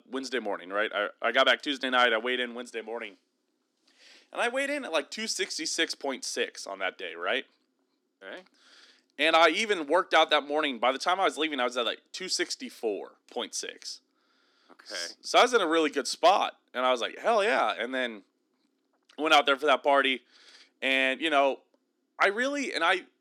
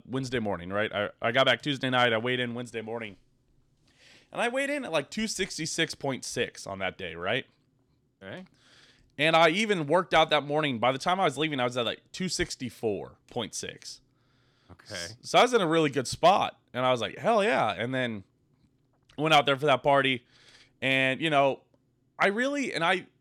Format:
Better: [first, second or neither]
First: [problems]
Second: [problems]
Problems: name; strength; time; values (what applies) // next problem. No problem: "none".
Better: second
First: thin; very slightly; fading below 250 Hz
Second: none